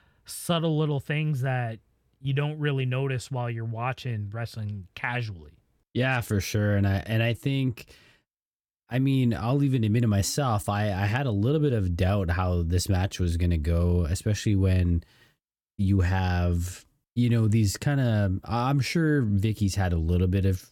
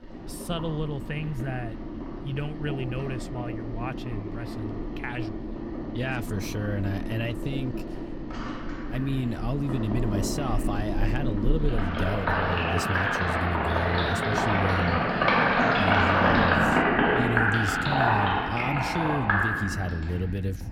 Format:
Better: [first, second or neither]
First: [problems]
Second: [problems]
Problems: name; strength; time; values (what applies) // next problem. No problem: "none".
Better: first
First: none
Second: household noises; very loud; throughout; 4 dB above the speech